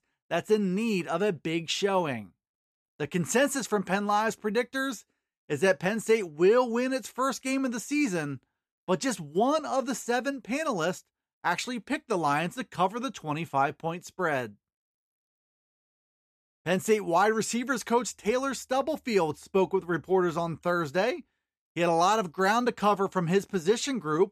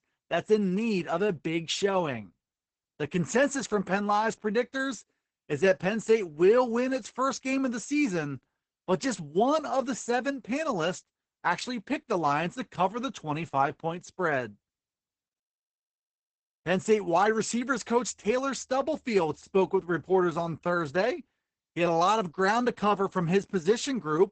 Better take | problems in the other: first | garbled, watery; badly; nothing above 8 kHz

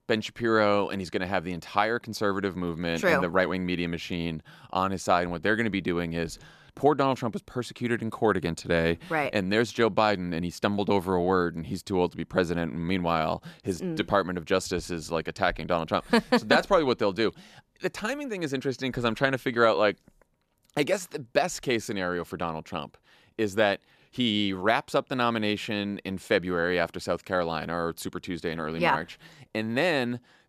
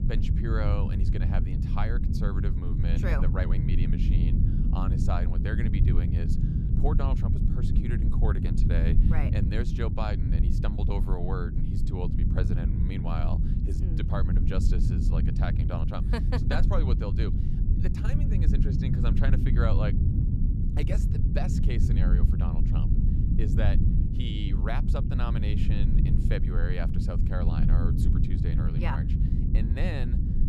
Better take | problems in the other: first | low rumble; loud; throughout; 1 dB below the speech

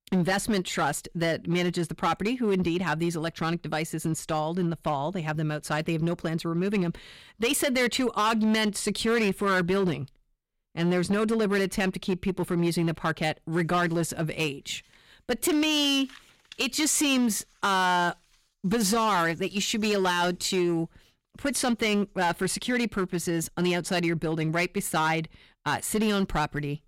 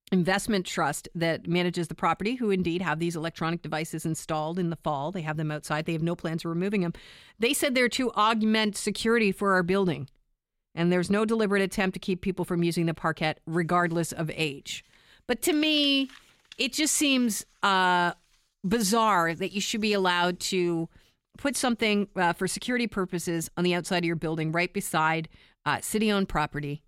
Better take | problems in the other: second | distortion; slight; 8% of the sound clipped

